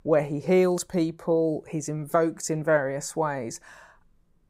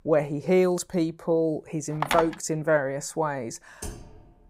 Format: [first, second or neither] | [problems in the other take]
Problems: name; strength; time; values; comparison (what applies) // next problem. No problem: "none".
first | phone ringing; noticeable; at 2 s; peak 2 dB below the speech // keyboard typing; faint; at 4 s; peak 15 dB below the speech